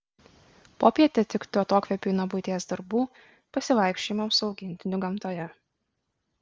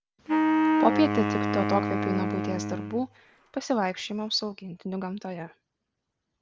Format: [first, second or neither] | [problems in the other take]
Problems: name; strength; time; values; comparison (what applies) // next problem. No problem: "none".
first | background sound (Wind instrument, woodwind instrument); 4 dB above the speech